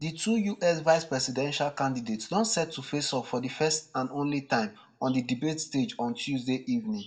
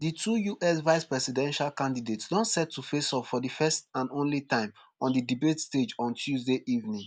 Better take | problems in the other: second | room echo; dies away in 0.2 s

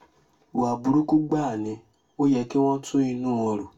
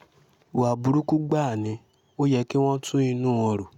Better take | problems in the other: second | room echo; dies away in 0.2 s

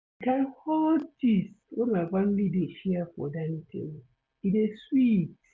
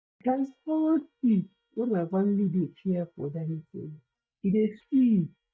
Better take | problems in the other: first | noise reduction (neural mask model DeepFilterNet 3)

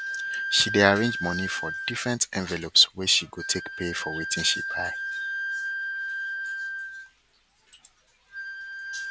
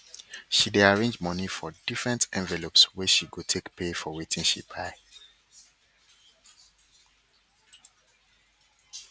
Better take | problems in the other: second | background sound (Wind instrument, woodwind instrument); 5 dB below the speech

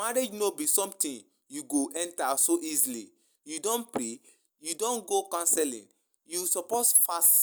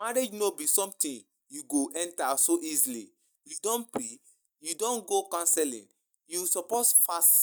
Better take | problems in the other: first | noise reduction (neural mask model DeepFilterNet 3)

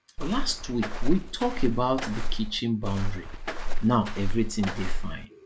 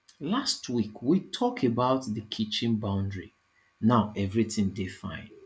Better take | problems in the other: second | background sound (Walk, footsteps); 2 dB above the speech

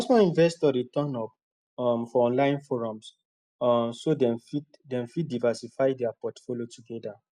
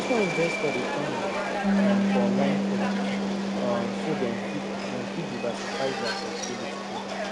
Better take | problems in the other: first | background sound (Bass guitar + Subway, metro, underground); 5 dB above the speech

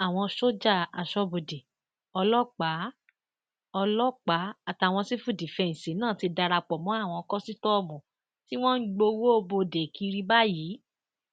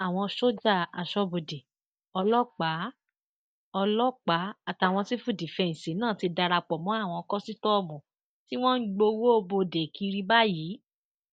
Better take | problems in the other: first | noise reduction (neural mask model DeepFilterNet 3)

